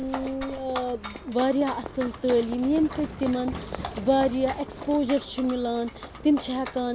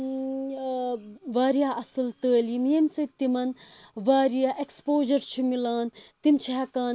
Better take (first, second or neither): second